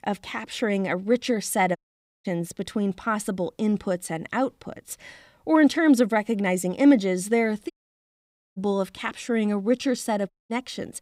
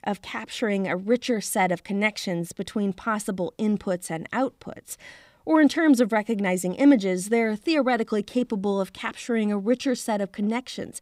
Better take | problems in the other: second | audio cutting out; at 2 s, at 7.5 s for 1 s and at 10 s

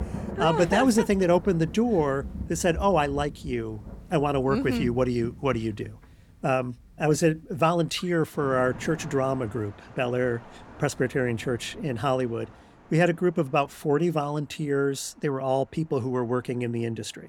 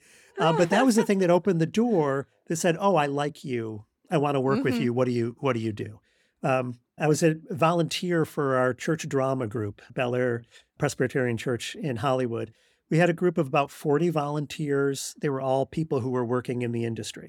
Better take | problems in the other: second | rain or running water; noticeable; throughout; 15 dB below the speech

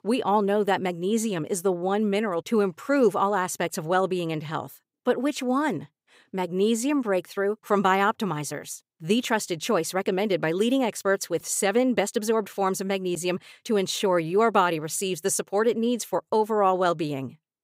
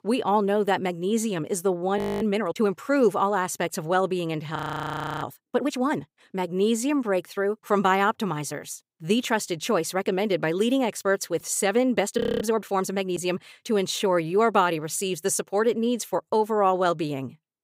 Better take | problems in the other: first | audio freezing; at 2 s, at 4.5 s for 0.5 s and at 12 s

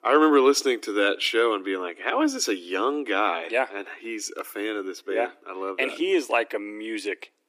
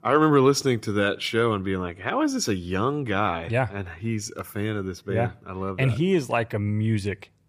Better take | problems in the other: second | thin; somewhat; fading below 300 Hz

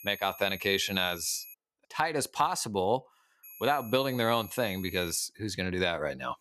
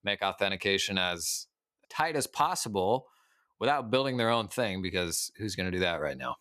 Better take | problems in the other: second | high-pitched whine; noticeable; until 1.5 s and from 3.5 to 5 s; 11.5 kHz, 15 dB below the speech

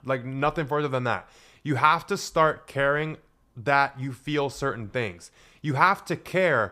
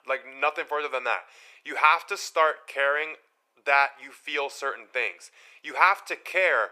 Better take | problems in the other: first | thin; very; fading below 450 Hz

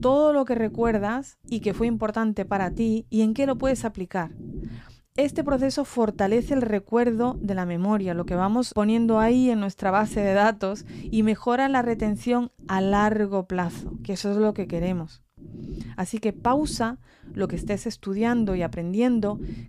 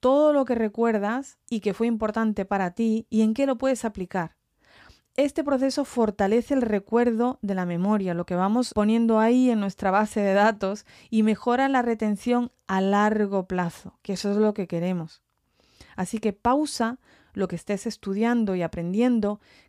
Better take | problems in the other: second | low rumble; faint; throughout; 20 dB below the speech

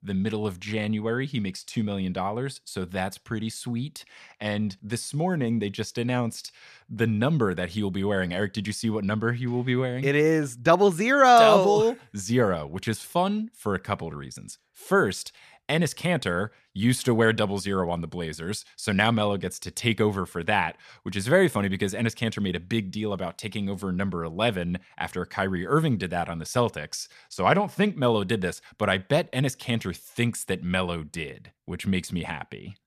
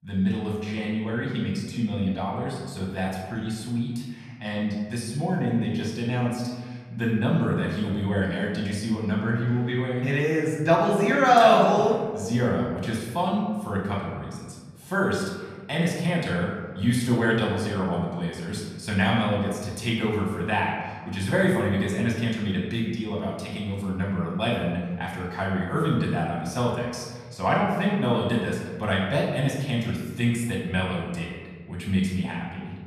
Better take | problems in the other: first | off-mic speech; far // room echo; noticeable; dies away in 1.4 s

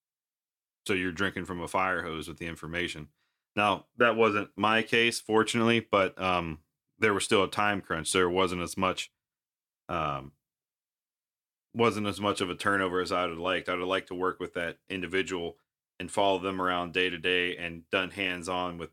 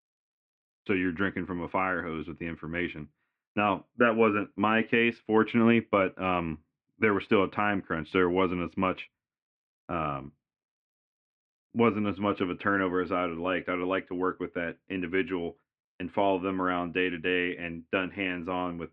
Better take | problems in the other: first | muffled; very; fading above 2.5 kHz

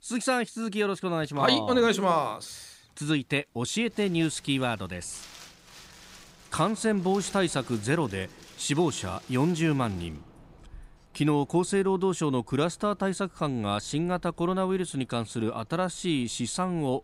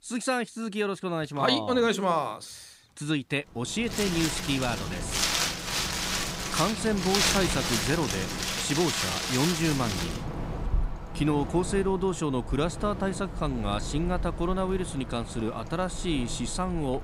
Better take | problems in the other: first | wind in the background; loud; from 4 s on; 2 dB below the speech; faint in the first

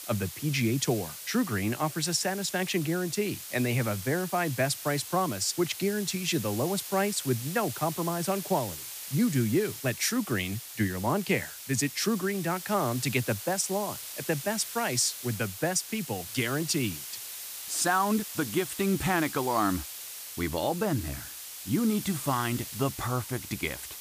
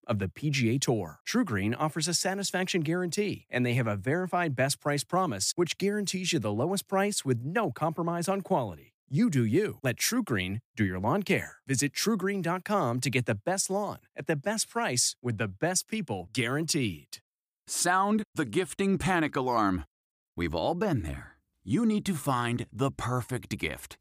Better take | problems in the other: second | hiss; loud; throughout; 9 dB below the speech

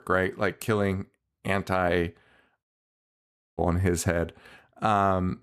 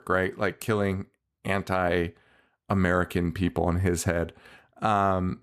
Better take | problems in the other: second | audio cutting out; at 2.5 s for 1 s

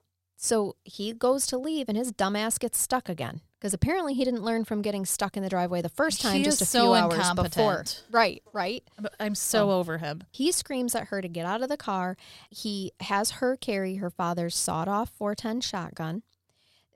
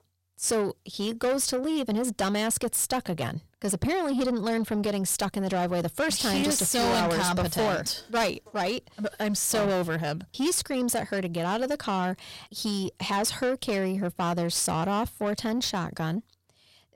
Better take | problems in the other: first | distortion; heavy; 8 dB below the speech

